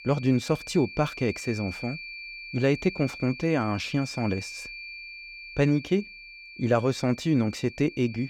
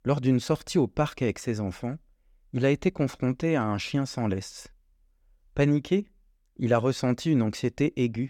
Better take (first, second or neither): second